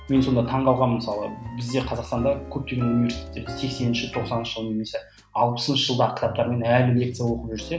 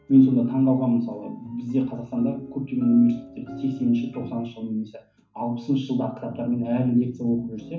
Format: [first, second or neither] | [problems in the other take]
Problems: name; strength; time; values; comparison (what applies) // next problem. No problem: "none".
first | room echo; dies away in 0.3 s